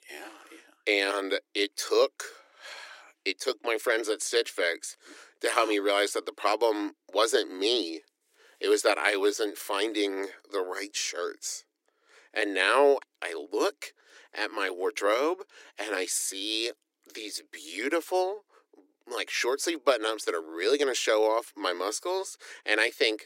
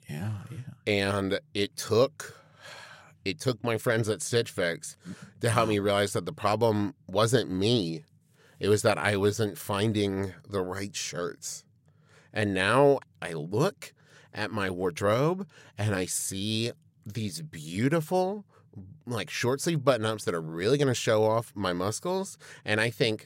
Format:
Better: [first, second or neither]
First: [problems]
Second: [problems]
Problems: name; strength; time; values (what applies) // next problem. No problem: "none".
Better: second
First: thin; very; fading below 300 Hz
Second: none